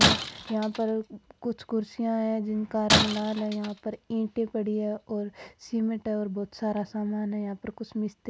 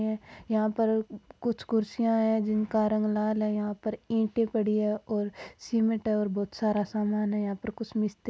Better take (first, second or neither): second